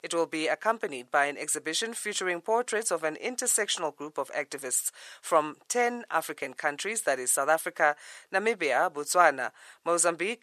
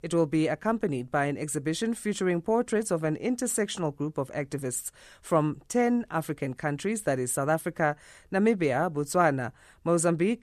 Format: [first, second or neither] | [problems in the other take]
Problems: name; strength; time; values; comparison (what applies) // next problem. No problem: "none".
second | thin; very; fading below 650 Hz